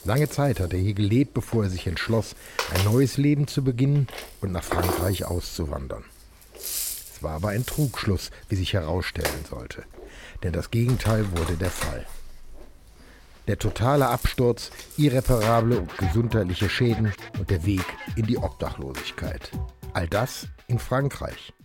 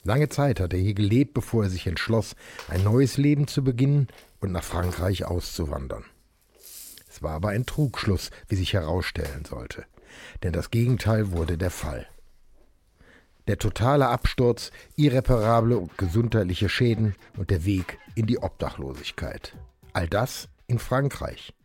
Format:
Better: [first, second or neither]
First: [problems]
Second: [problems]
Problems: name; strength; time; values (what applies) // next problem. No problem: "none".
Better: second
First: background music; loud; throughout; 9 dB below the speech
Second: background music; faint; throughout; 25 dB below the speech